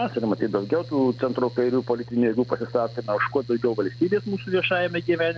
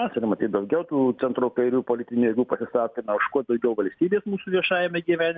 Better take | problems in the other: second | background sound (Mechanical fan); 15 dB below the speech

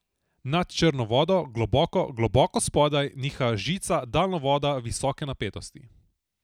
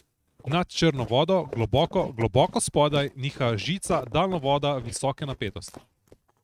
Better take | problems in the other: first | noise reduction (neural mask model RNNoise)

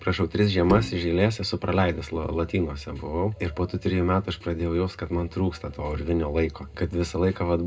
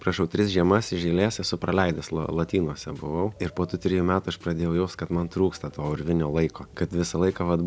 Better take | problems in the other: second | background sound (Bowed string instrument); 8 dB below the speech // room echo; dies away in 0.2 s

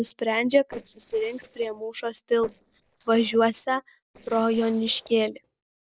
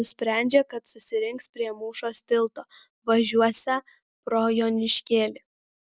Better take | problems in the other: second | noise reduction (neural separator model SepFormer DNS4)

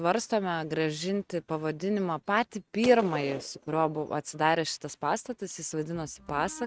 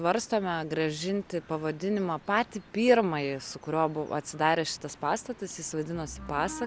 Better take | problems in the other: second | noise reduction (neural mask model RNNoise)

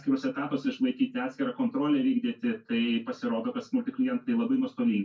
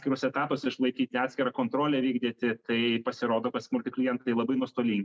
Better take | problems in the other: second | room echo; dies away in 0.2 s

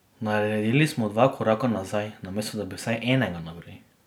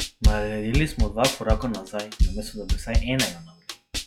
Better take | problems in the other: first | noise reduction (classical method log-MMSE)

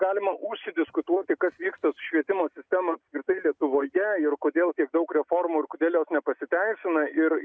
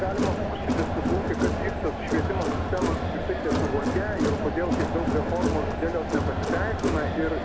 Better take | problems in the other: first | background sound (Crowd); 4 dB above the speech

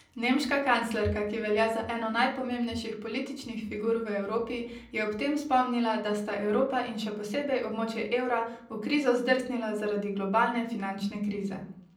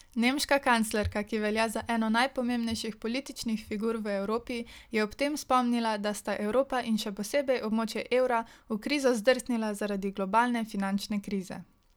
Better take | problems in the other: second | room echo; dies away in 0.6 s

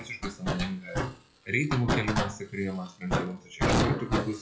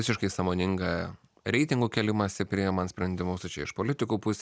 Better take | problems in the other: second | noise reduction (classical method WPE with log-MMSE)

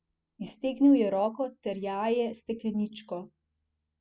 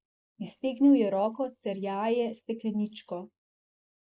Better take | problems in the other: first | noise reduction (neural mask model Resemble Enhance denoiser)

